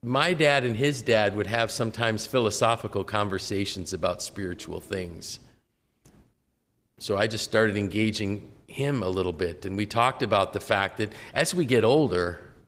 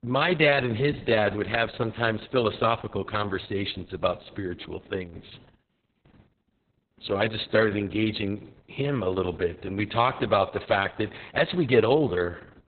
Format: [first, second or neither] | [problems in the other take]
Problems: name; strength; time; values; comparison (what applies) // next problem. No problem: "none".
first | garbled, watery; badly; nothing above 4 kHz; slightly in the first